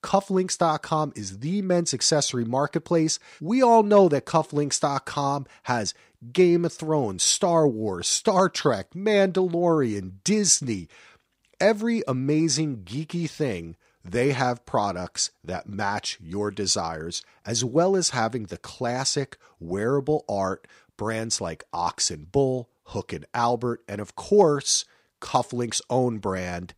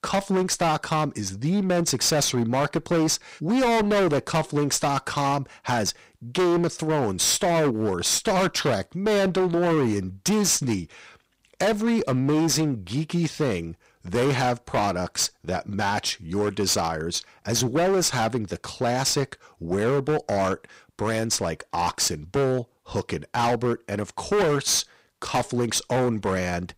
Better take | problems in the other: first | distortion; heavy; 18% of the sound clipped

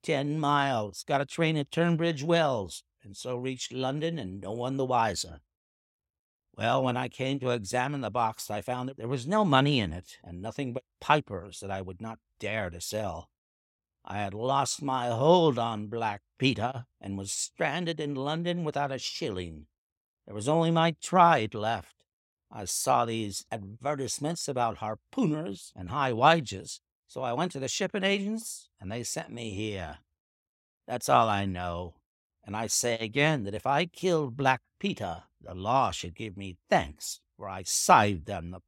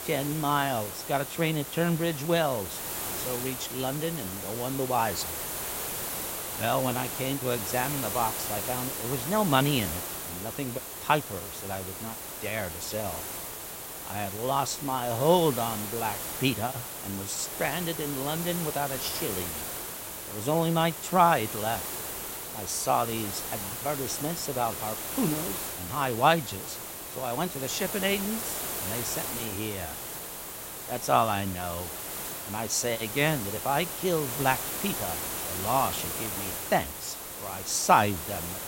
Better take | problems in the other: first | hiss; loud; throughout; 4 dB below the speech

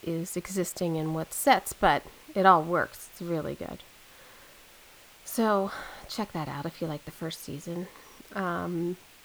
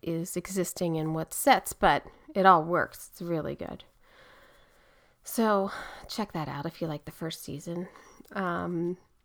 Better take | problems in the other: second | hiss; faint; throughout; 25 dB below the speech

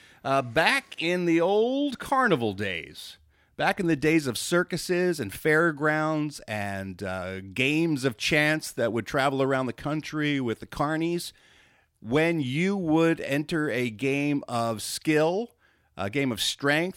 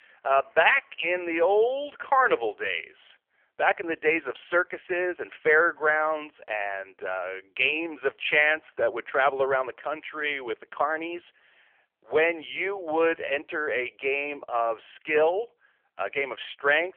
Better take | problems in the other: first | phone-call audio; poor line; nothing above 3 kHz

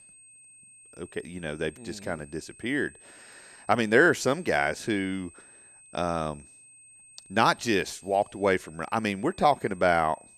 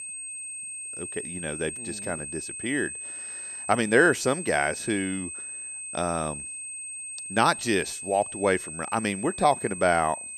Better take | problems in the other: first | high-pitched whine; loud; throughout; 8.5 kHz, 8 dB below the speech; faint in the first

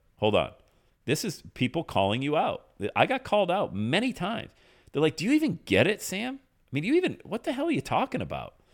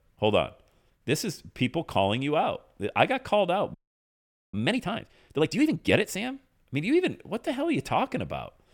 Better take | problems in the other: first | audio freezing; at 3.5 s for 1 s

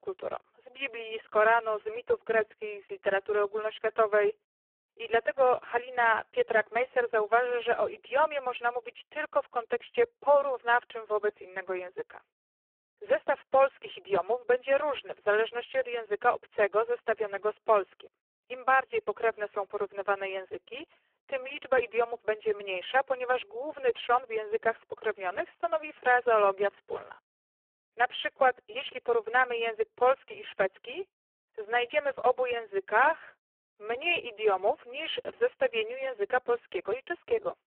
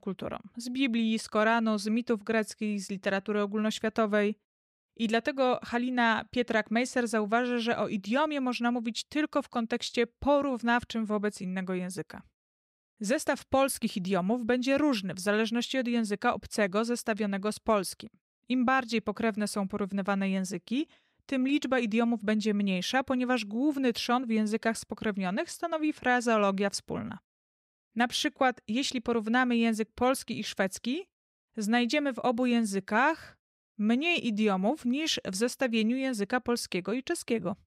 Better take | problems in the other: second | phone-call audio; poor line

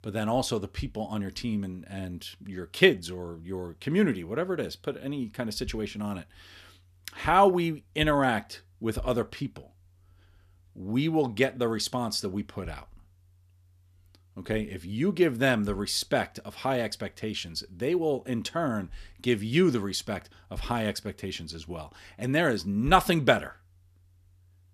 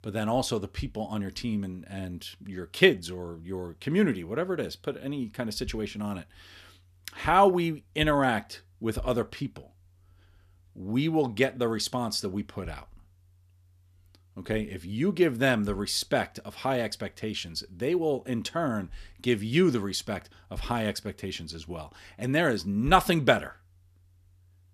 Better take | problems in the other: neither | none

